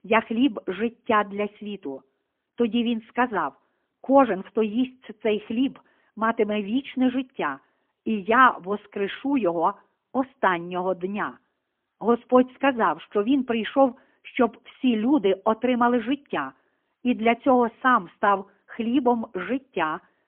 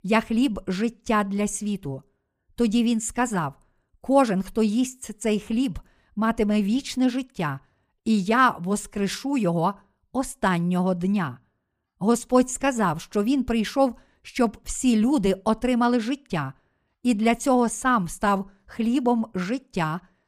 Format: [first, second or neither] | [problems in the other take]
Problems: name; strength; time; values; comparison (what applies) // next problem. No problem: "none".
second | phone-call audio; poor line; nothing above 3.5 kHz